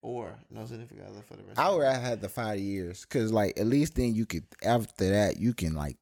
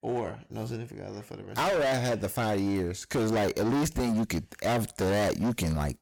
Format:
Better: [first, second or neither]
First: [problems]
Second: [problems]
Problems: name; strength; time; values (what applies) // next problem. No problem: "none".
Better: first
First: none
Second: distortion; heavy; 24% of the sound clipped